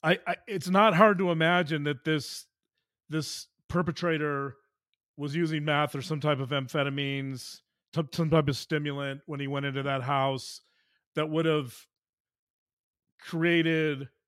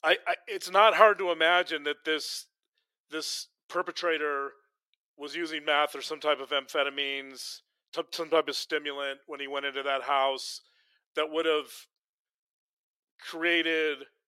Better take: first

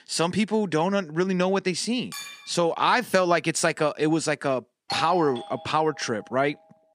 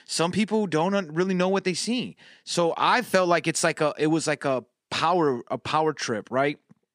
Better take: second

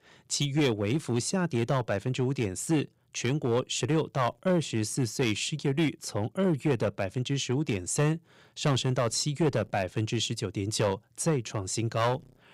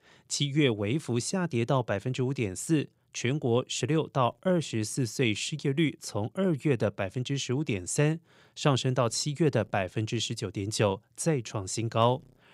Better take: second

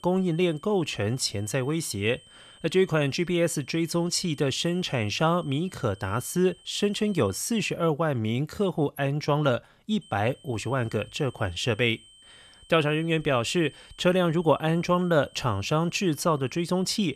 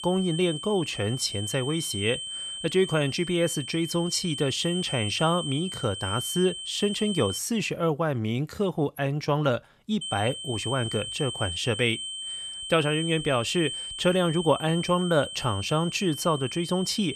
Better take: first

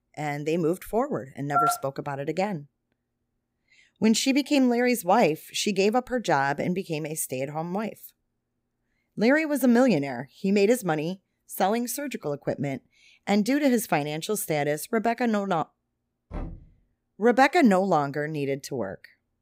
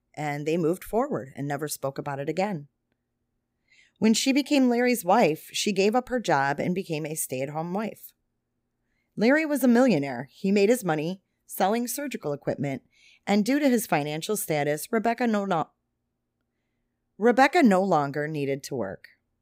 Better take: second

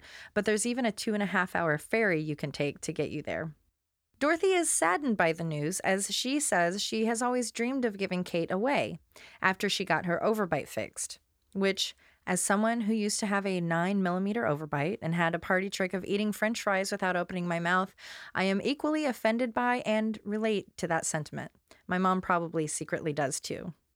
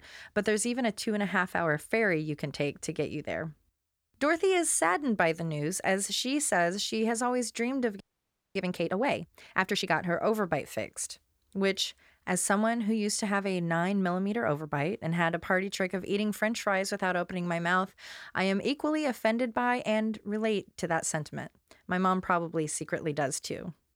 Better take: first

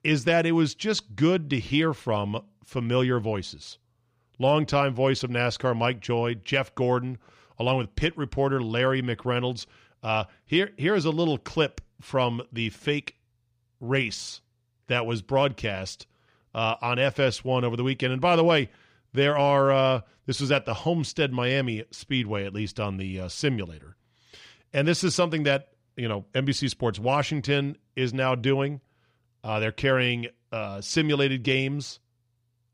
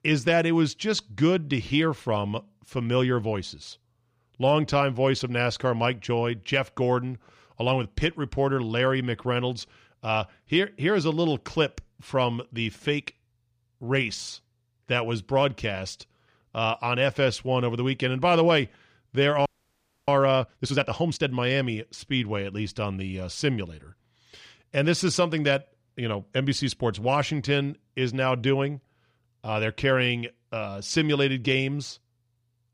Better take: first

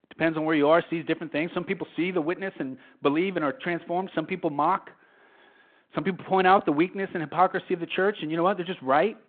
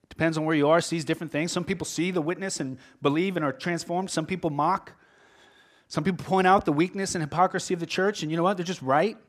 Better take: second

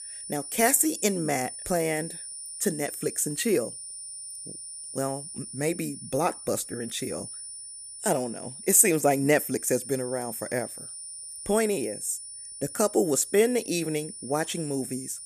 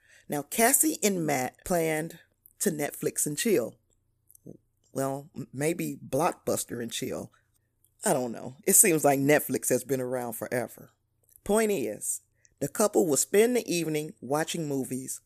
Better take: second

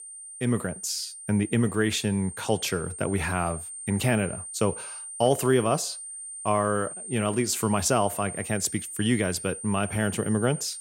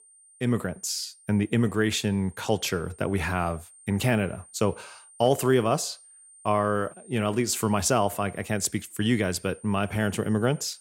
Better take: second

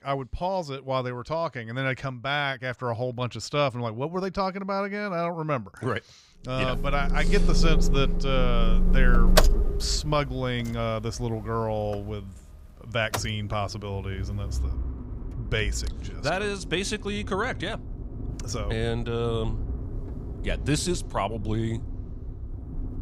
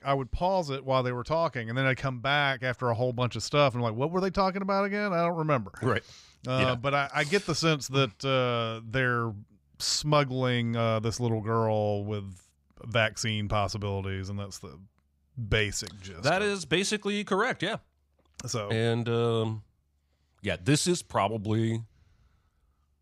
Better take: second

